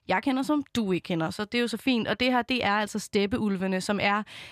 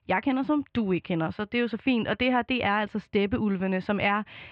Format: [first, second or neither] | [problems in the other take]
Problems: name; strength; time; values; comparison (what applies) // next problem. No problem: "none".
first | muffled; very; fading above 3 kHz